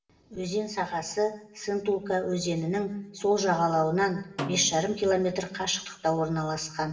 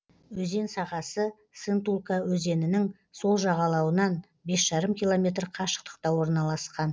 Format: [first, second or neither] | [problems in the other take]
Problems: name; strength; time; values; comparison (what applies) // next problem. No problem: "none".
second | background sound (Snare drum); 13 dB below the speech // room echo; dies away in 0.8 s